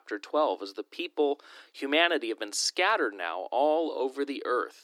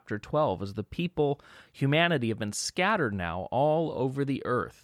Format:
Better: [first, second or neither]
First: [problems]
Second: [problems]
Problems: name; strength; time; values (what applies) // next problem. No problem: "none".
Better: second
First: thin; somewhat; fading below 300 Hz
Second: none